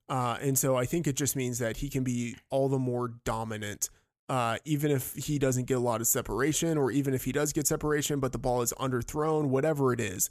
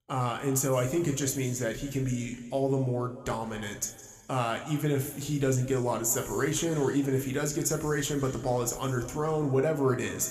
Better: first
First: none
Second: room echo; slight; dies away in 1.8 s

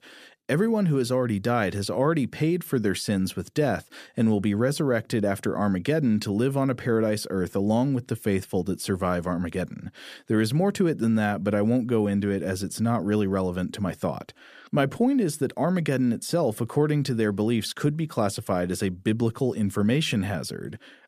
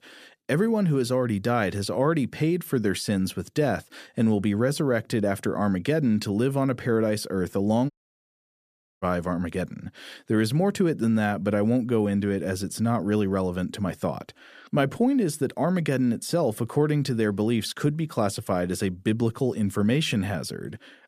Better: first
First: none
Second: audio cutting out; at 8 s for 1 s

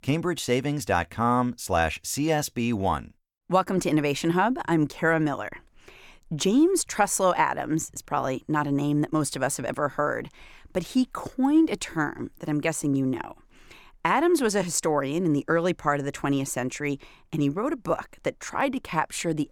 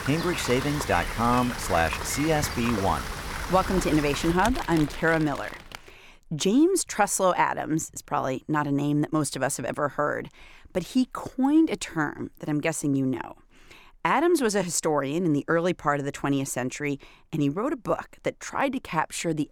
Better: first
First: none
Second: rain or running water; loud; until 5.5 s; 7 dB below the speech

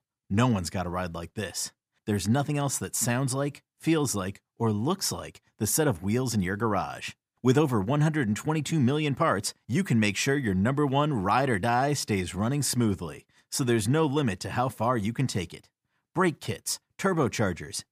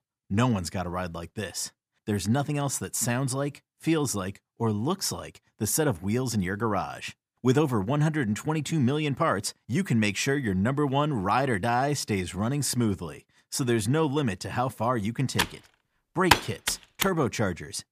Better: first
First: none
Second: keyboard typing; loud; from 15 to 17 s; peak 4 dB above the speech

